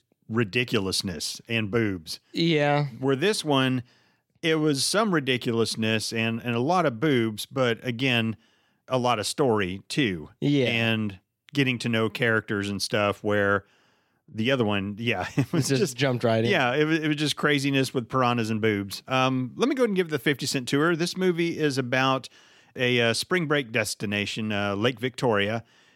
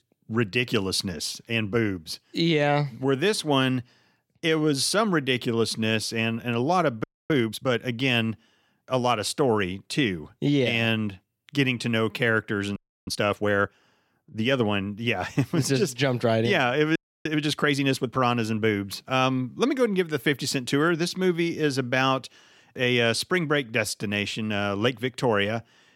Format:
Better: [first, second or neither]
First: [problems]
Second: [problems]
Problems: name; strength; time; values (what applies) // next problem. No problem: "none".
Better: first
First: none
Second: audio freezing; at 7 s, at 13 s and at 17 s